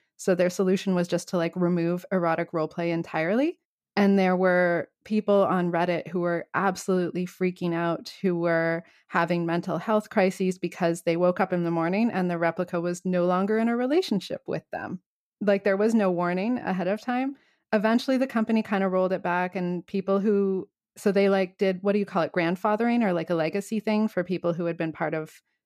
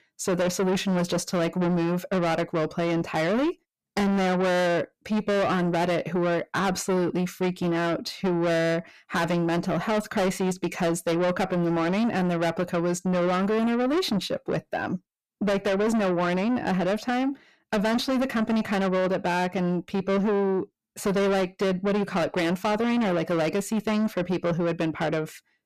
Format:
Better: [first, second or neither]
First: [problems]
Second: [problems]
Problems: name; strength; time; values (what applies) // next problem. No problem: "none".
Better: first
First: none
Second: distortion; heavy; 7 dB below the speech